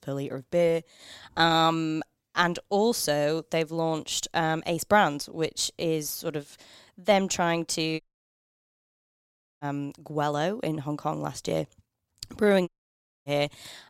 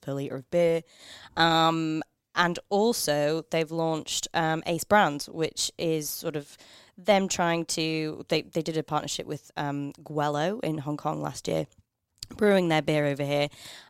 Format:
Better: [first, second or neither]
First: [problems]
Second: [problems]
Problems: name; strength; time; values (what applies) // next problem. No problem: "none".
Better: second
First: audio cutting out; at 8 s for 1.5 s and at 13 s for 0.5 s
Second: none